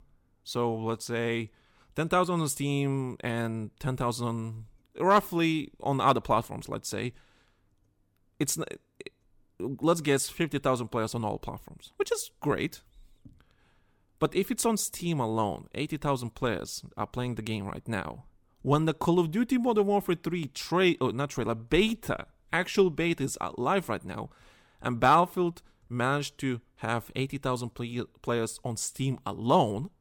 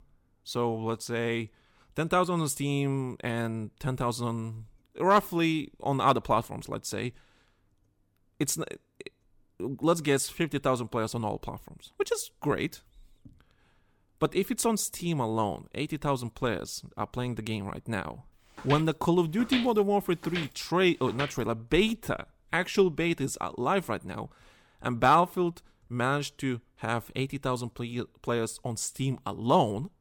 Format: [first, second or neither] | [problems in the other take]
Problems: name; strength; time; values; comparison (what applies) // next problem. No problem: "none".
first | footsteps; noticeable; from 19 to 21 s; peak 4 dB below the speech